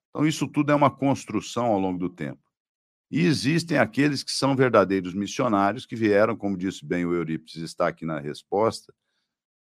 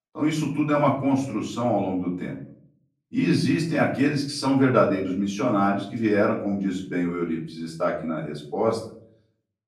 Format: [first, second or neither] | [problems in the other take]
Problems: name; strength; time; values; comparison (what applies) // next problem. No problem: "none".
first | off-mic speech; far // room echo; slight; dies away in 0.5 s